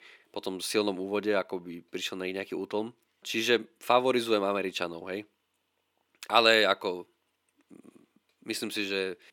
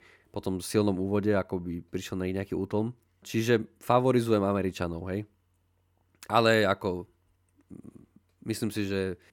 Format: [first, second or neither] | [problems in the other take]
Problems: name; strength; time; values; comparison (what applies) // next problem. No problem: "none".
second | thin; somewhat; fading below 350 Hz